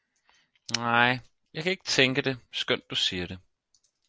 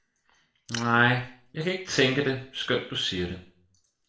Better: first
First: none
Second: room echo; dies away in 0.5 s

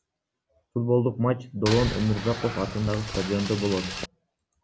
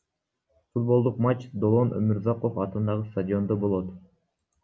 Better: second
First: background sound (Boat, Water vehicle); 7 dB below the speech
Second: none

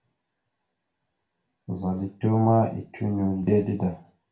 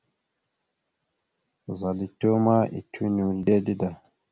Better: second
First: room echo; dies away in 0.3 s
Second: none

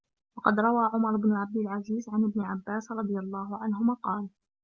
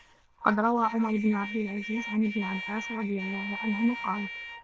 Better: first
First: none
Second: noise reduction (neural diffusion model UNIVERSE++)

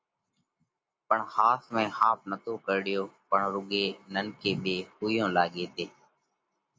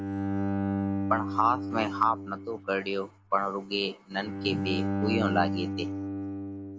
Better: first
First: none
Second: background sound (Bowed string instrument); 1 dB below the speech

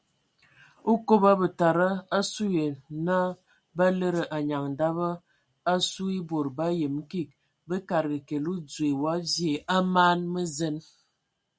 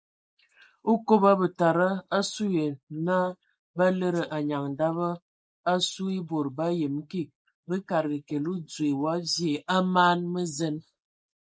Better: first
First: none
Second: noise reduction (neural mask model Resemble Enhance denoiser)

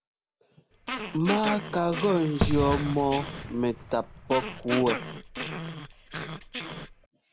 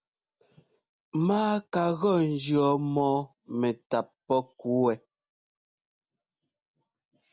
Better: second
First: background sound (Growling + Fireworks); 5 dB below the speech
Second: none

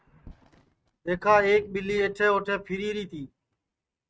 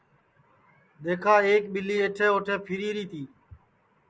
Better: second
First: noise reduction (neural mask model RNNoise)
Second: none

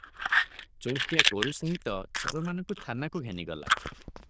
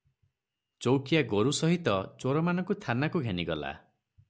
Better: second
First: noise reduction (neural diffusion model UNIVERSE++)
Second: none

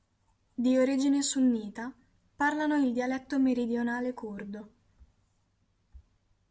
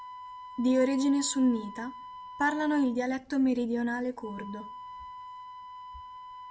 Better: first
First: none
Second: background sound (Wind instrument, woodwind instrument); 15 dB below the speech

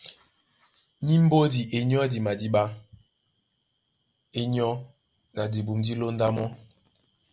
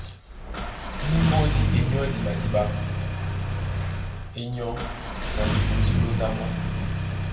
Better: first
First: none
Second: background sound (Engine starting); 4 dB above the speech // room echo; dies away in 2 s

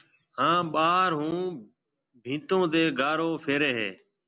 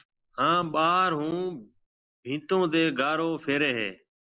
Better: first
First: none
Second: noise reduction (neural mask model Resemble Enhance denoiser)

